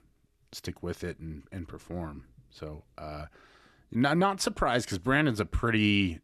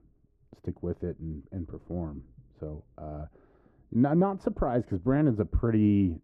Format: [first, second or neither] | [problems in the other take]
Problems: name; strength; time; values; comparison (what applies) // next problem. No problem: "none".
first | muffled; very; fading above 1.5 kHz